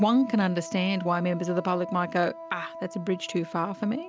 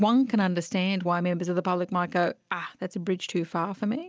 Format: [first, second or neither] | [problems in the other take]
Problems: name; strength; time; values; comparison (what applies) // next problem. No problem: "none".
second | background sound (Wind instrument, woodwind instrument); 14 dB below the speech